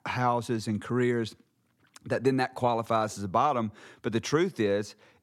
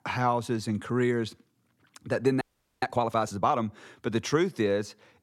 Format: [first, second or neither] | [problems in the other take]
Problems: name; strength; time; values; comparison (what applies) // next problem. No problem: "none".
first | audio freezing; at 2.5 s